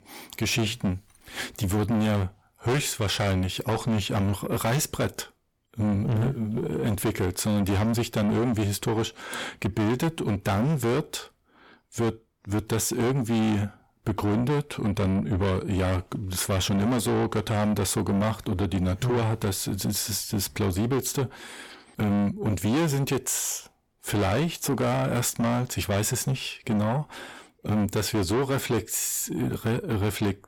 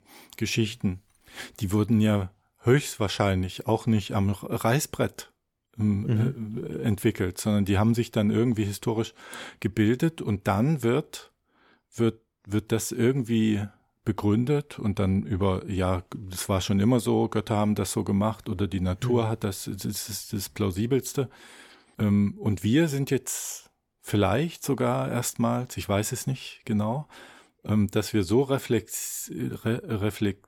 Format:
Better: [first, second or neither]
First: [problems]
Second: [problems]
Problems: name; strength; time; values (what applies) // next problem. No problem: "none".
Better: second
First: distortion; heavy; 7 dB below the speech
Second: none